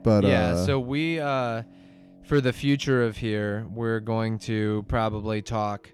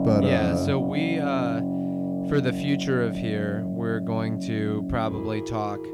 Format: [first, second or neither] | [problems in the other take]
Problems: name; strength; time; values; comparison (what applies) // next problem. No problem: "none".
first | background music; loud; throughout; 1 dB below the speech; faint in the first